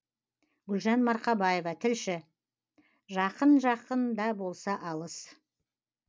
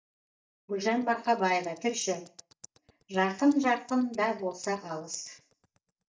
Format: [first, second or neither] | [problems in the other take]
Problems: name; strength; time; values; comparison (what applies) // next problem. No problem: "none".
first | noise reduction (neural mask model DeepFilterNet 3)